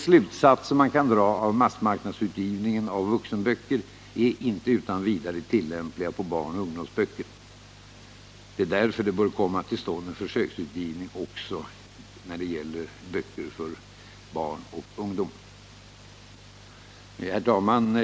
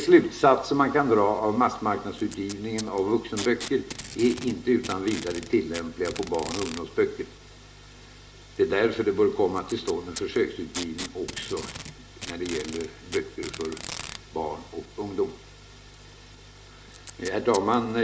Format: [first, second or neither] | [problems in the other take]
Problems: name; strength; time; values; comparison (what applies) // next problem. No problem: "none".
first | background sound (Packing tape, duct tape); 16 dB below the speech // room echo; dies away in 0.5 s